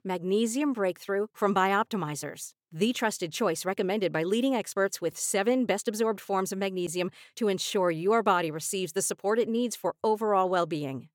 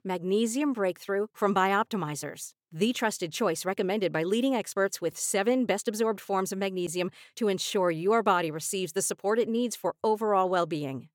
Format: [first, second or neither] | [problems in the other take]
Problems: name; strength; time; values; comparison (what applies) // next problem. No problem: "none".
neither | none